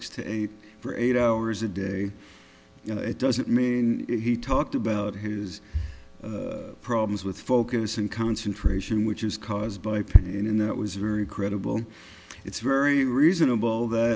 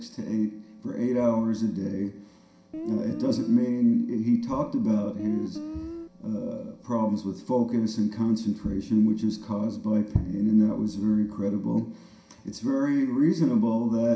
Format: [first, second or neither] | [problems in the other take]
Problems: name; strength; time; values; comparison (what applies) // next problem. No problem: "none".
first | background sound (Guitar); 10 dB below the speech // room echo; dies away in 0.5 s